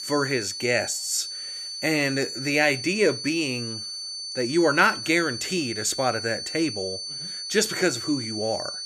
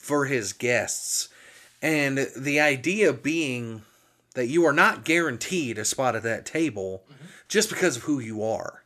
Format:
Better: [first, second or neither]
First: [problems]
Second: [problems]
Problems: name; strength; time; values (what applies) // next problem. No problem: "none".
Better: second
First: high-pitched whine; loud; throughout; 4.5 kHz, 7 dB below the speech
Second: none